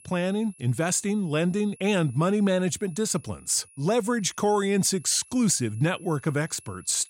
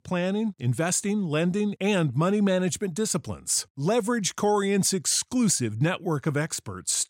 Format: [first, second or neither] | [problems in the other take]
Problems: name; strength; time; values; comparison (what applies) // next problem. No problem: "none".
second | high-pitched whine; faint; throughout; 10.5 kHz, 25 dB below the speech